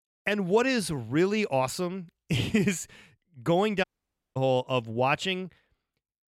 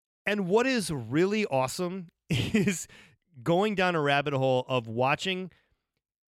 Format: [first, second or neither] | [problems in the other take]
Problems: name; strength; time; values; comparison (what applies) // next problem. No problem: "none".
second | audio cutting out; at 4 s for 0.5 s